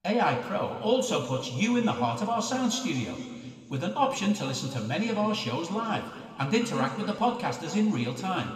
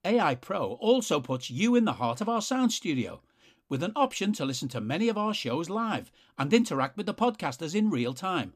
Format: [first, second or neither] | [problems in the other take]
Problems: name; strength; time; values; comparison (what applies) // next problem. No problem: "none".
second | room echo; noticeable; dies away in 2 s // off-mic speech; somewhat distant